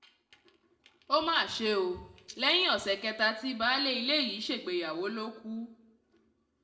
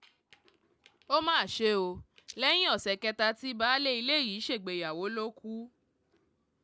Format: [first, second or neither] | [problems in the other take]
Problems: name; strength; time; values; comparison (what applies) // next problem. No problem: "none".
second | room echo; dies away in 0.6 s